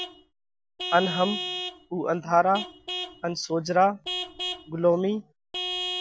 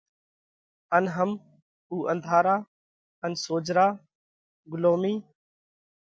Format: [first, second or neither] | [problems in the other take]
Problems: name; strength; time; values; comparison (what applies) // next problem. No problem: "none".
second | background sound (Vehicle horn, car horn, honking / Truck); 8 dB below the speech